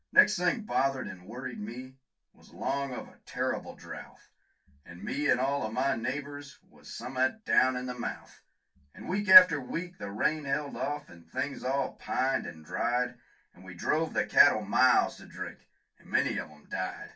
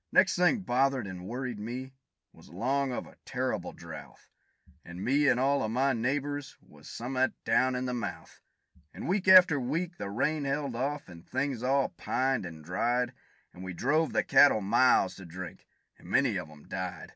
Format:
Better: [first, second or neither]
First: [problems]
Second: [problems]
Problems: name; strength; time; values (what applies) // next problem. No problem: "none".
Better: second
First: room echo; dies away in 0.2 s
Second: none